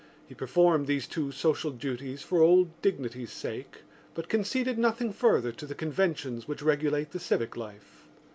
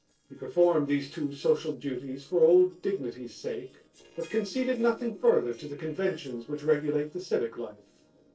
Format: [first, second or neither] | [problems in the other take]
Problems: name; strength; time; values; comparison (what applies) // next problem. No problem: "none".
first | noise reduction (neural separator model SepFormer DNS4)